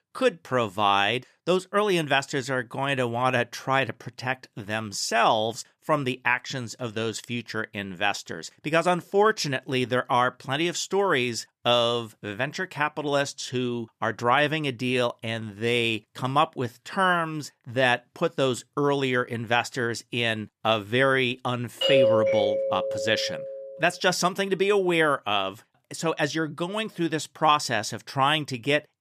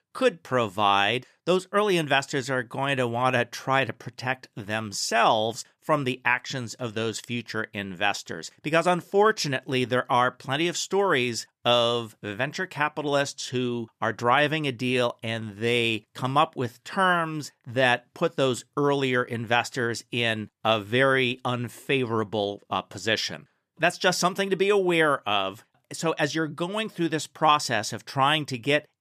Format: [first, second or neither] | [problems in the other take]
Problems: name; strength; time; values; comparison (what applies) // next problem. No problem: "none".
second | doorbell; loud; from 22 to 24 s; peak 6 dB above the speech